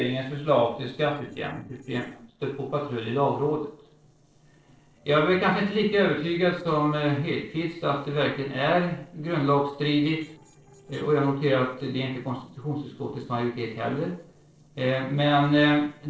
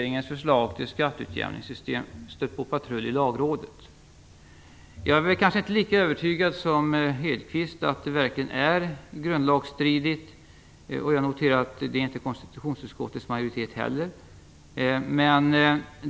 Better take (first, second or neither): second